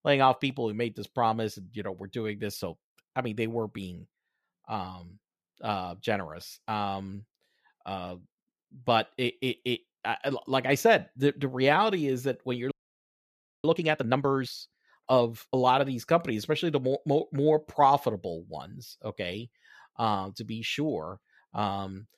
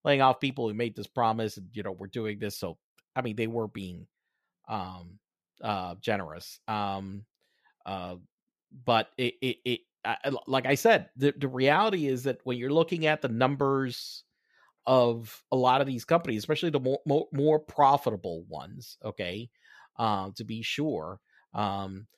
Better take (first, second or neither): second